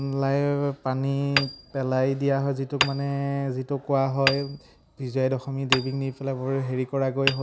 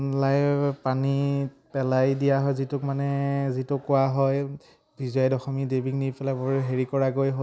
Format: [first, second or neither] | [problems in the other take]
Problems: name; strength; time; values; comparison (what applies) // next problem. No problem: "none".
second | background sound (Hammer); 8 dB below the speech